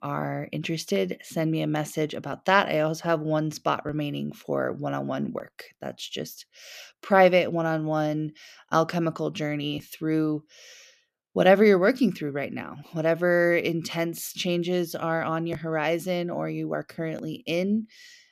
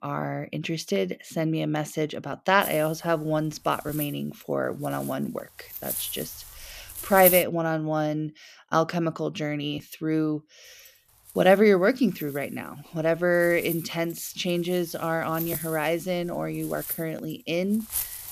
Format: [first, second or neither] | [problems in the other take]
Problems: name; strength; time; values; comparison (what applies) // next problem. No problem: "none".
first | wind noise on the microphone; occasional gusts; from 2.5 to 7.5 s and from 11 s on; 15 dB below the speech